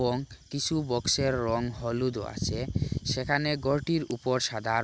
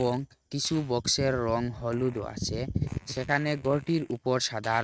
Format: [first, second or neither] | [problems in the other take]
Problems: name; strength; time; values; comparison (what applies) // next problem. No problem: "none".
first | noise reduction (neural mask model RNNoise)